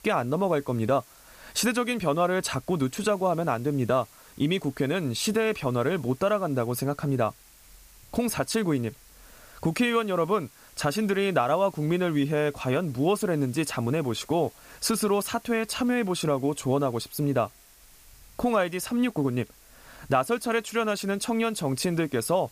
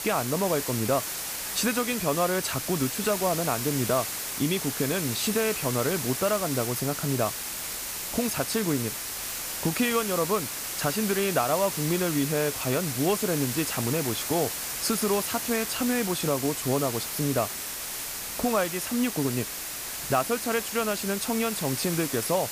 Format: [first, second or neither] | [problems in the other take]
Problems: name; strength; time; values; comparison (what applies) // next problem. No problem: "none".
first | hiss; loud; throughout; 3 dB below the speech; faint in the first